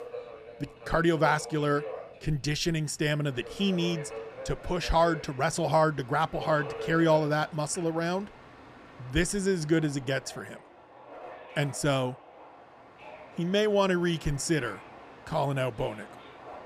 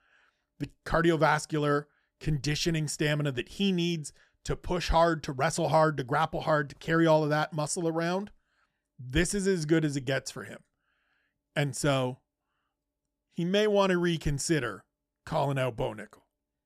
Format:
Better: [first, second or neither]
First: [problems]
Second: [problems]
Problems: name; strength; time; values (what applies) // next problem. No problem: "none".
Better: second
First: train or aircraft noise; noticeable; throughout; 15 dB below the speech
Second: none